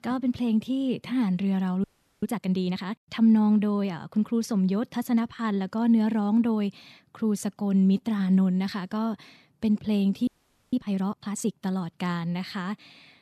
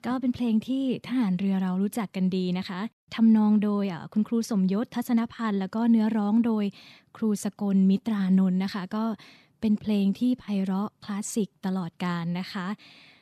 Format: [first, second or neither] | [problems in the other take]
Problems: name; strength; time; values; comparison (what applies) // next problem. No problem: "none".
second | audio freezing; at 2 s and at 10 s